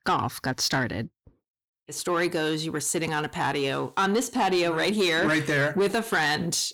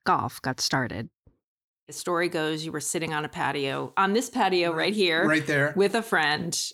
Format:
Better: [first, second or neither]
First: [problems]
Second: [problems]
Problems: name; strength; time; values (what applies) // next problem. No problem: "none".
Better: second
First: distortion; slight; 10 dB below the speech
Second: none